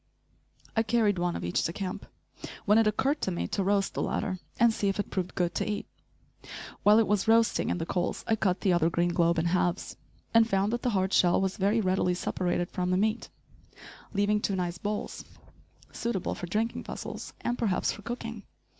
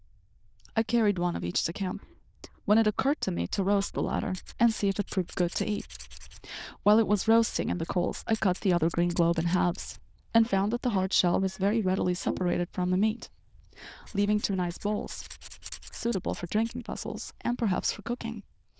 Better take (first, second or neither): first